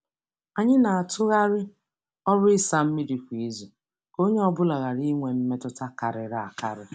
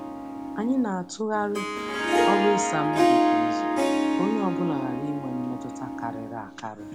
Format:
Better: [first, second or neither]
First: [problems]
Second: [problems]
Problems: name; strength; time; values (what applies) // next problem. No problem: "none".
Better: first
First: none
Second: background sound (Harp); 4 dB above the speech